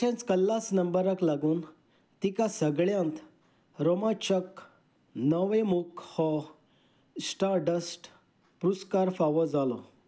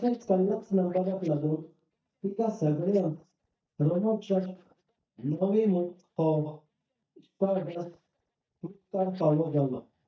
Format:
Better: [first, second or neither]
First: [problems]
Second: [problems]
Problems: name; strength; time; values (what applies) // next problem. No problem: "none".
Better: first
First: none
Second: noise reduction (neural mask model DeepFilterNet 3)